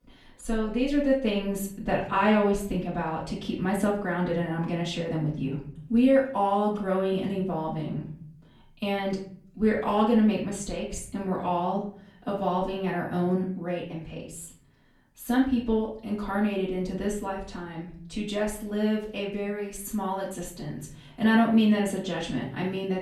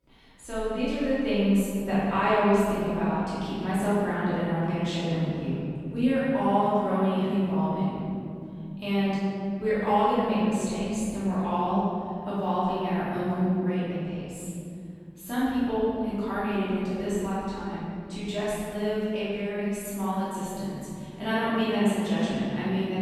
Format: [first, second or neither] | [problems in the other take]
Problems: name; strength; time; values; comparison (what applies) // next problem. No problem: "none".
first | room echo; strong; dies away in 2.8 s; slight in the first // off-mic speech; far; far in the first